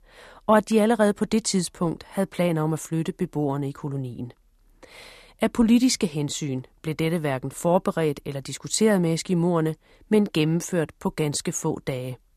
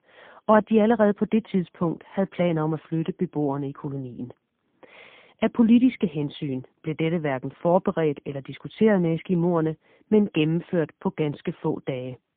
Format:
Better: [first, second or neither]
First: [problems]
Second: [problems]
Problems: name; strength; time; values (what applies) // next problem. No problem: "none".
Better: first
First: none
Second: phone-call audio; poor line